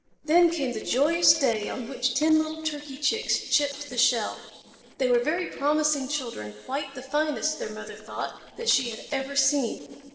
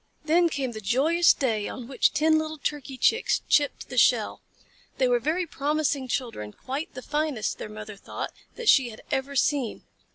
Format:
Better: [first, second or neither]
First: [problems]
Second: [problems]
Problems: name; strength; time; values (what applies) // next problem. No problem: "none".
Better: second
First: noise reduction (neural separator model SepFormer DNS4)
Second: none